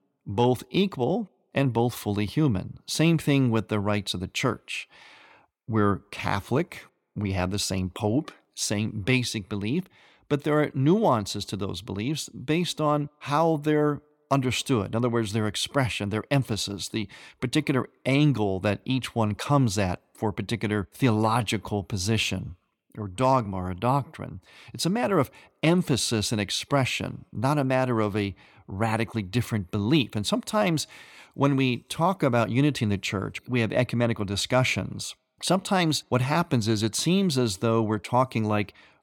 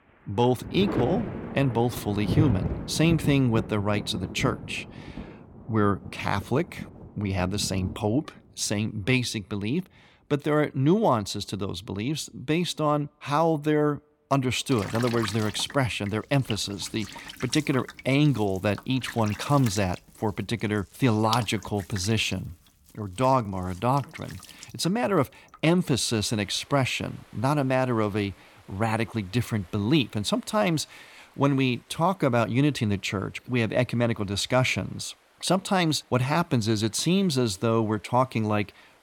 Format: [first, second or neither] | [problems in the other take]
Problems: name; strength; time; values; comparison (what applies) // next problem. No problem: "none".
first | rain or running water; noticeable; throughout; 10 dB below the speech